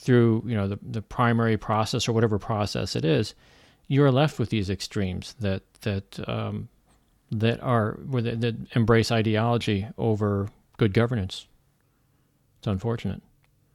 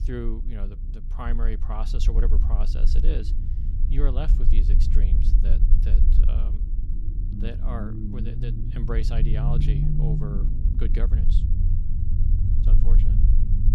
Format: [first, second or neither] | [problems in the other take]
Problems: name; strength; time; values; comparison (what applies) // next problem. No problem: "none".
first | low rumble; loud; throughout; 2 dB below the speech